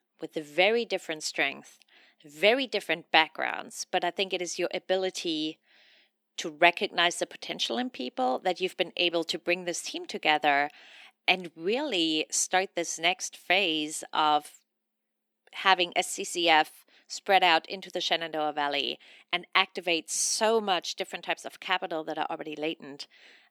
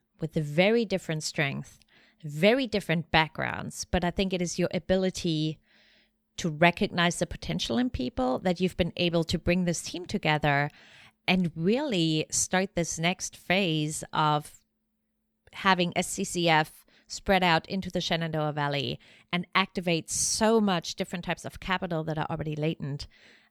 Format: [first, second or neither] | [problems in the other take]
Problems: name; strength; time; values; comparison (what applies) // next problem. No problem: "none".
second | thin; somewhat; fading below 300 Hz